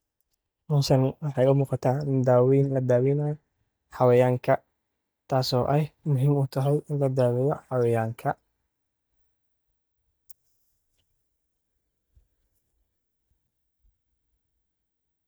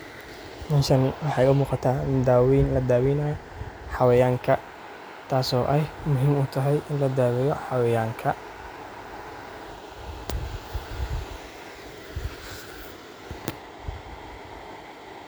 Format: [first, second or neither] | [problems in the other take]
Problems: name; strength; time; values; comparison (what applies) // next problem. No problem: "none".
second | noise reduction (neural mask model DeepFilterNet 3)